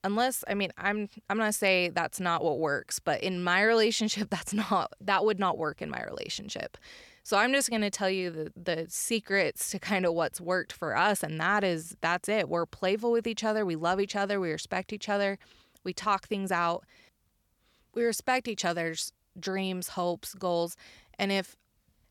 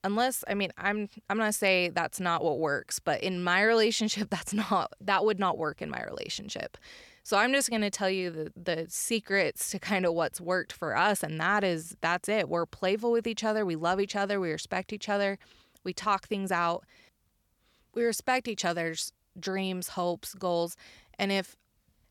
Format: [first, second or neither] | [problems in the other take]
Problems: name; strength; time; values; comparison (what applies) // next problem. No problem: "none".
neither | none